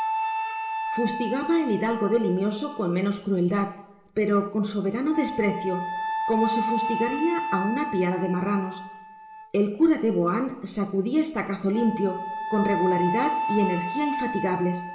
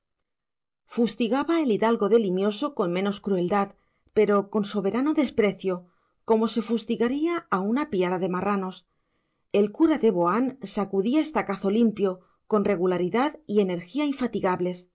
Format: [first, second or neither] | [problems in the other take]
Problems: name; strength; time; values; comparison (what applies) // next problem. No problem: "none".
second | background sound (Wind instrument, woodwind instrument); 6 dB below the speech // room echo; dies away in 0.9 s